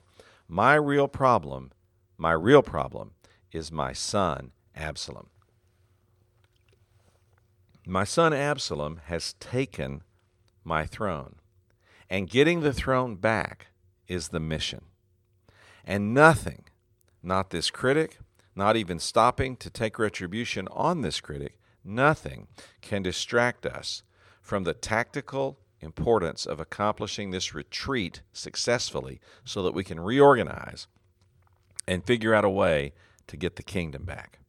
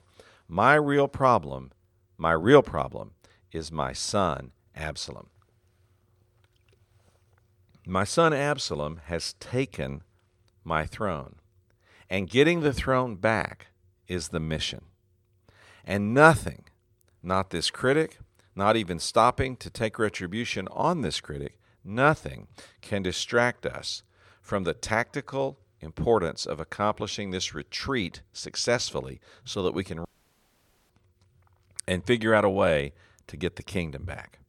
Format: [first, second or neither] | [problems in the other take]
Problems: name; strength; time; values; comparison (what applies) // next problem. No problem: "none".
first | audio cutting out; at 30 s for 1 s